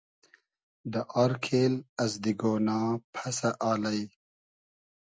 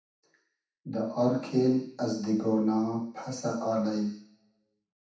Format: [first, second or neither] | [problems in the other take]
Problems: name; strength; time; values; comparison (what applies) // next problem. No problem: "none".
first | room echo; dies away in 0.7 s